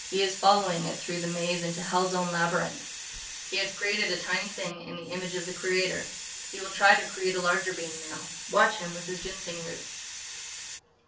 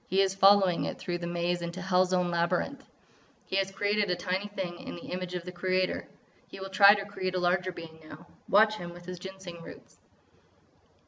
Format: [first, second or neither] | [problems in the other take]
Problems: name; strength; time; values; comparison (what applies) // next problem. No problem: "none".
second | background sound (Hiss); 9 dB below the speech // room echo; dies away in 0.2 s